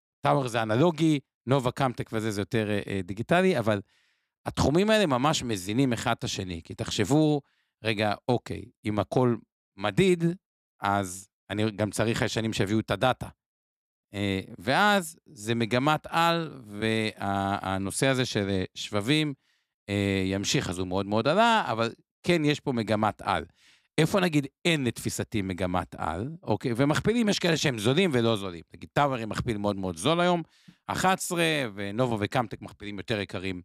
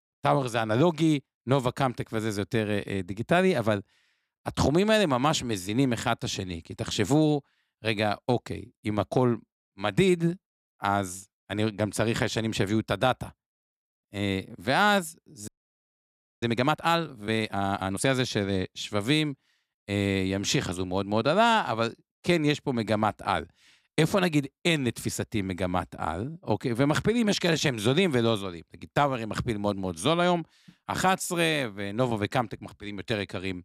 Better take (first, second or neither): first